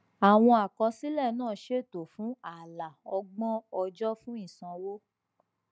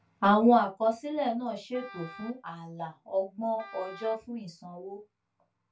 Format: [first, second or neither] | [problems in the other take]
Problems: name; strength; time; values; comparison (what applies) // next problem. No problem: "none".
first | background sound (Wind instrument, woodwind instrument); 19 dB below the speech // room echo; dies away in 0.2 s